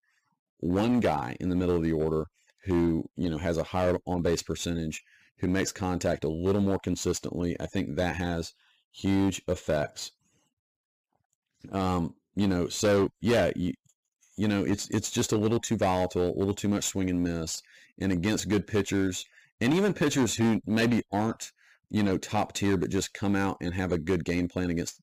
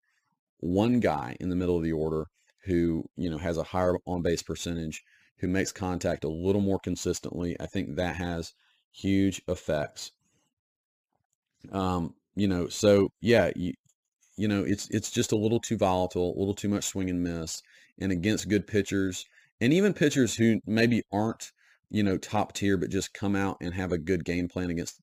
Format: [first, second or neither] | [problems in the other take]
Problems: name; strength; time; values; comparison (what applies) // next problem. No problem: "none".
second | distortion; slight; 7% of the sound clipped